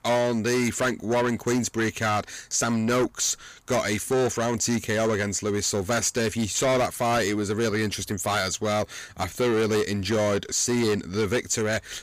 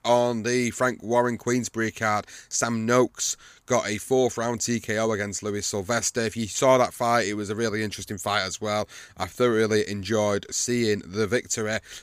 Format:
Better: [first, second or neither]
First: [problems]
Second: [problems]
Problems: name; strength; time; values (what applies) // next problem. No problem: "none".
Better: second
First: distortion; heavy; 8 dB below the speech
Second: none